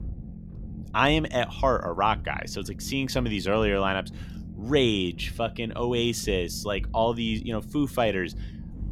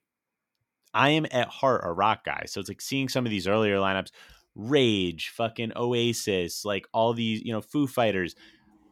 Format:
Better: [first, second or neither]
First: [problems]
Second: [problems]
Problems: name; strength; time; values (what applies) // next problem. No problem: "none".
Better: second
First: low rumble; faint; throughout; 25 dB below the speech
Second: none